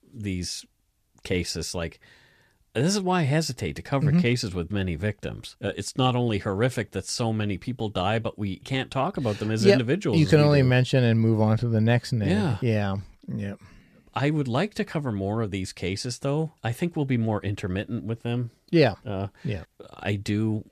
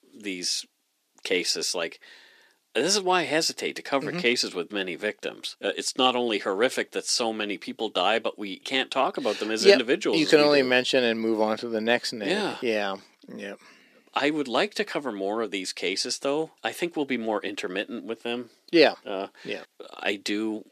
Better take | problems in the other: first | thin; somewhat; fading below 300 Hz

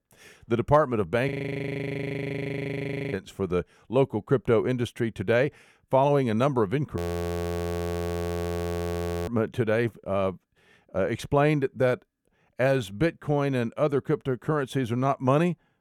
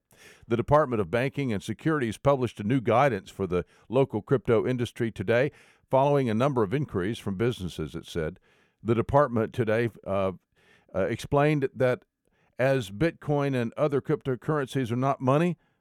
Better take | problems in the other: second | audio freezing; at 1.5 s for 2 s and at 7 s for 2.5 s

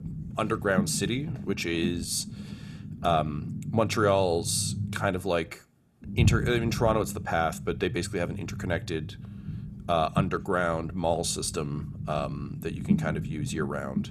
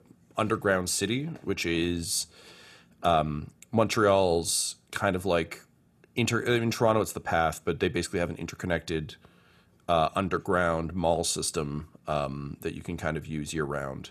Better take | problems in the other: second | low rumble; noticeable; throughout; 15 dB below the speech

